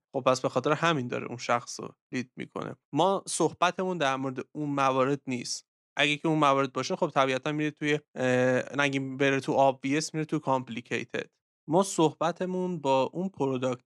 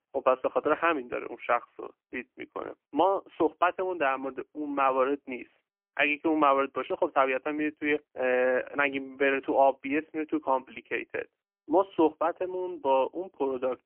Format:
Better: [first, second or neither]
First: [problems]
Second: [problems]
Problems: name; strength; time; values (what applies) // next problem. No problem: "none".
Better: first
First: none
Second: phone-call audio; poor line; nothing above 2.5 kHz